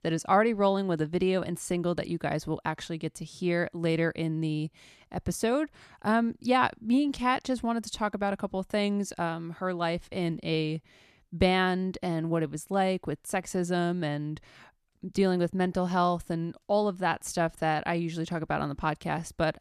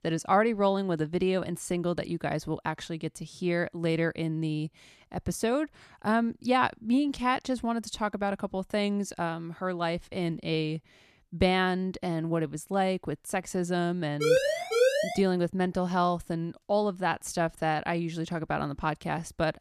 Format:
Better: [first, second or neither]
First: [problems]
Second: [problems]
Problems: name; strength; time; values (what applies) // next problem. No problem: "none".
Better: first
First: none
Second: siren; loud; at 14 s; peak 5 dB above the speech